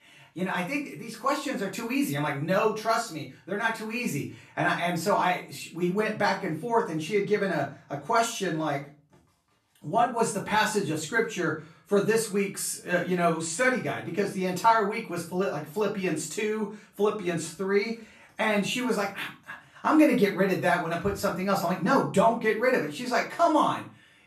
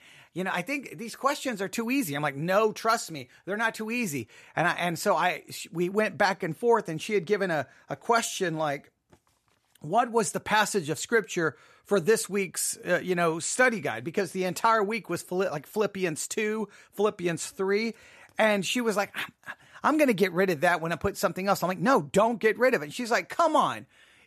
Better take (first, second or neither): second